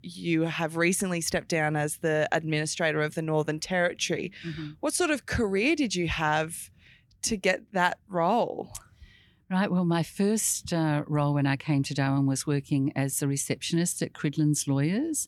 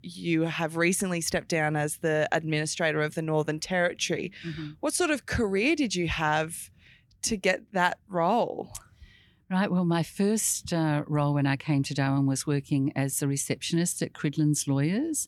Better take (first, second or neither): neither